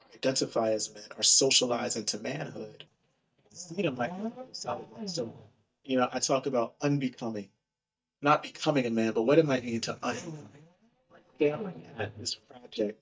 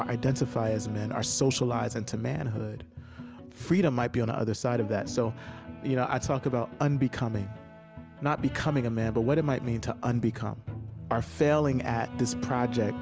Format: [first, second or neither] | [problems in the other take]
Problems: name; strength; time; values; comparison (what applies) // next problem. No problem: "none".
second | noise reduction (neural mask model DeepFilterNet 3)